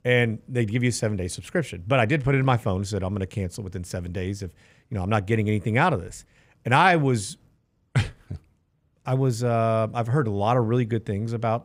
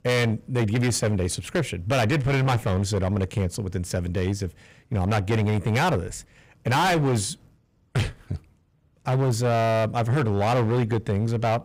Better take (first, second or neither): first